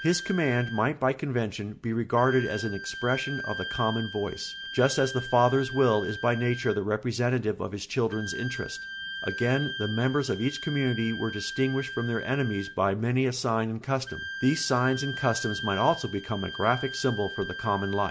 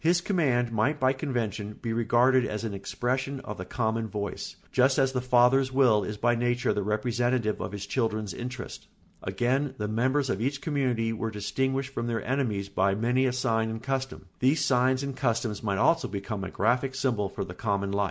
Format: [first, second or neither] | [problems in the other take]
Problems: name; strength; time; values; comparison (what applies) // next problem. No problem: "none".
second | background sound (Wind instrument, woodwind instrument); 11 dB below the speech